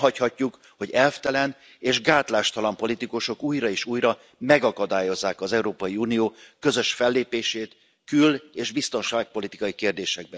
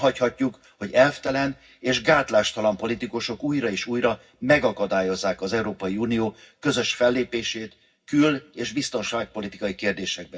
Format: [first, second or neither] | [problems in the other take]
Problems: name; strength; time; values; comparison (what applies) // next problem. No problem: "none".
first | room echo; dies away in 0.4 s